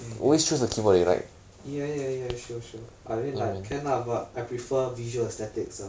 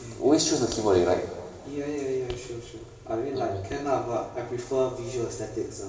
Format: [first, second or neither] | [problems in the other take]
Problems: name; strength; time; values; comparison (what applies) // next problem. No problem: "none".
first | room echo; dies away in 2.1 s